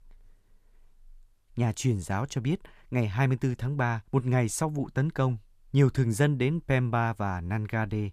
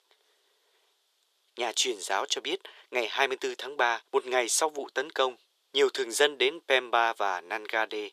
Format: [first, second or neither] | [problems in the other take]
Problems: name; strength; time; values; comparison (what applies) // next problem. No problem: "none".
first | thin; very; fading below 400 Hz